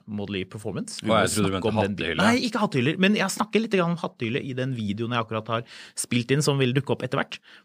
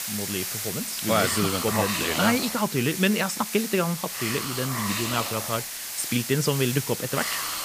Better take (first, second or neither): first